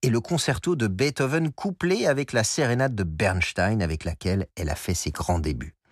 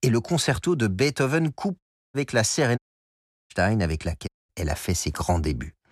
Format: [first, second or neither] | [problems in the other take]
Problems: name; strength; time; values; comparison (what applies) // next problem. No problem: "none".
first | audio cutting out; at 2 s, at 3 s for 0.5 s and at 4.5 s